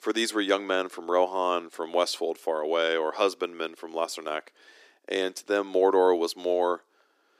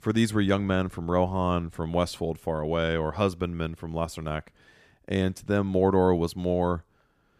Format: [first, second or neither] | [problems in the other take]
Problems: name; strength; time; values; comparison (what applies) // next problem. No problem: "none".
second | thin; somewhat; fading below 300 Hz